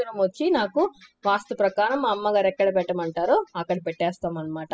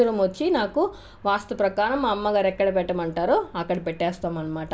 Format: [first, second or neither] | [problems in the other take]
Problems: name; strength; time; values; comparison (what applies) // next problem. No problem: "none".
second | noise reduction (classical method spectral subtraction)